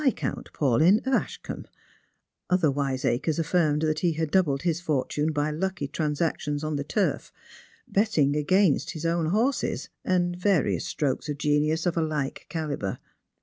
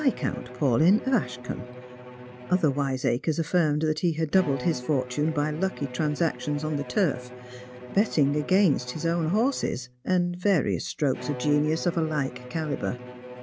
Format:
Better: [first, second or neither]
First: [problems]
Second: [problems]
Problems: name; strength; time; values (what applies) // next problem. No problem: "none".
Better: first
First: none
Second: background sound (Bowed string instrument); 14 dB below the speech